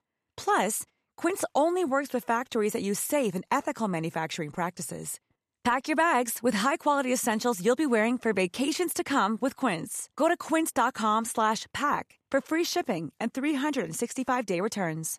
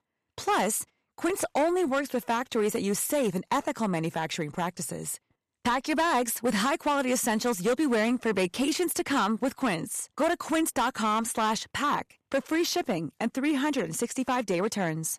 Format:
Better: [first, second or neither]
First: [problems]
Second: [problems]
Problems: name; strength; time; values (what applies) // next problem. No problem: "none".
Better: first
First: none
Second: distortion; slight; 8% of the sound clipped